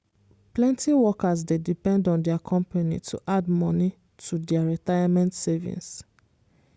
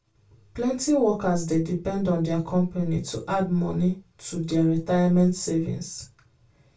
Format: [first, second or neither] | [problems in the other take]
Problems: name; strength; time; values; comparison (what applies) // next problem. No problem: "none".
first | room echo; dies away in 0.2 s